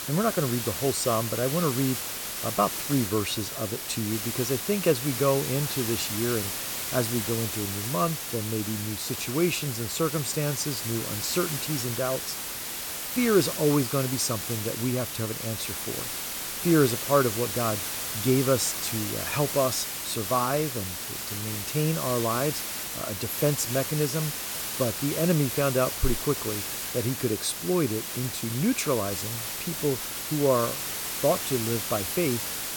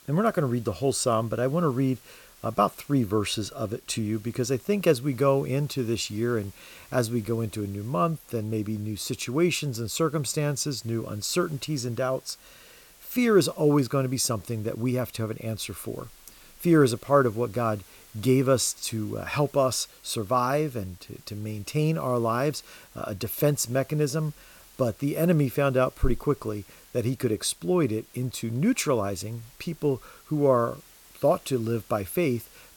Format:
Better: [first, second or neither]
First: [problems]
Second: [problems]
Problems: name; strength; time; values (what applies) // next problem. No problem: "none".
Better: second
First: hiss; loud; throughout; 3 dB below the speech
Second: hiss; faint; throughout; 25 dB below the speech